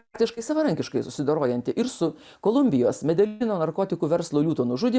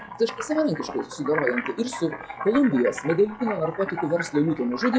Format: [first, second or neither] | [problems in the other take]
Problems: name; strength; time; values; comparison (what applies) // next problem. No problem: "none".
first | noise reduction (classical method log-MMSE)